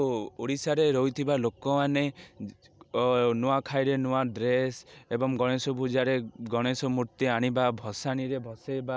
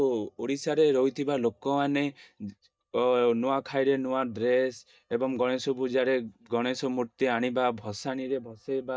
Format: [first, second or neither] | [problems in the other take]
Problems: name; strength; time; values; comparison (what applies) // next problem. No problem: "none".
first | noise reduction (neural mask model DeepFilterNet 3)